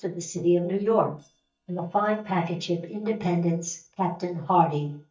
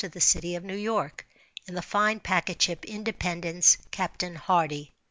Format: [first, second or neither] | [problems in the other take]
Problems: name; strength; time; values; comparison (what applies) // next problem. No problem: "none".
second | noise reduction (neural mask model DeepFilterNet 3)